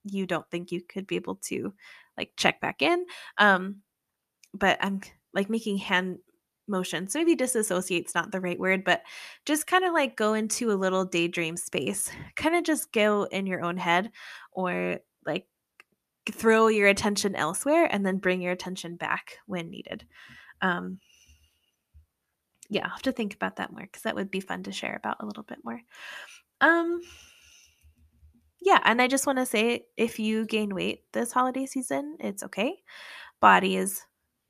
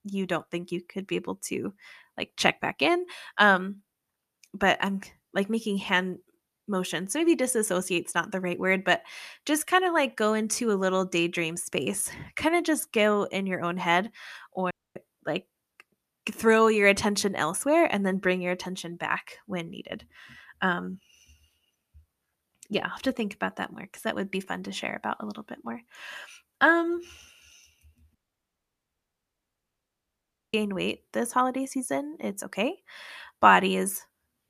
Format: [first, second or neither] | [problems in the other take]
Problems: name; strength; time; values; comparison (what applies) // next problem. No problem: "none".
first | audio cutting out; at 15 s and at 28 s for 2.5 s